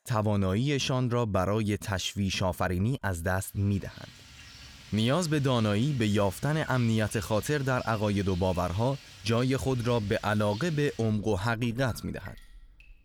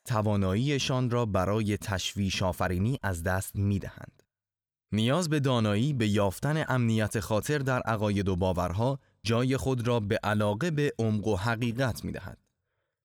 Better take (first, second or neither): second